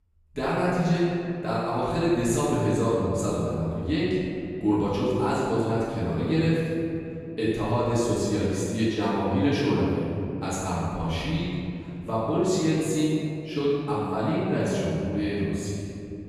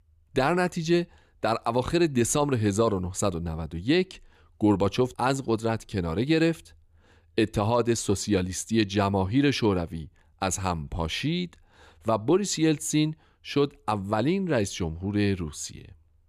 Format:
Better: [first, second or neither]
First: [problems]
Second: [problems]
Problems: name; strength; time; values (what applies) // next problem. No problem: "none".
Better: second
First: room echo; strong; dies away in 2.6 s // off-mic speech; far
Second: none